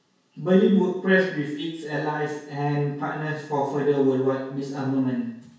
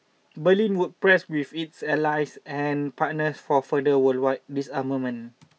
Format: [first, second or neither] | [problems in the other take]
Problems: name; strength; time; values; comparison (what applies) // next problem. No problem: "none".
second | room echo; dies away in 0.6 s